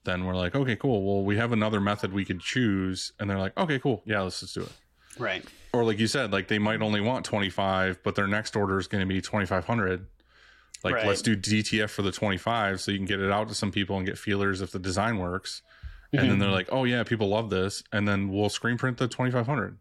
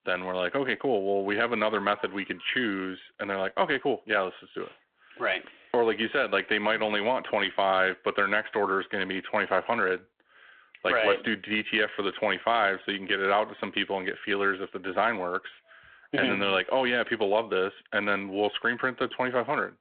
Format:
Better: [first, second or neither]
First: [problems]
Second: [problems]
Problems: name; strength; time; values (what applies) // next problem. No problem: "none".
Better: first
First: none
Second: phone-call audio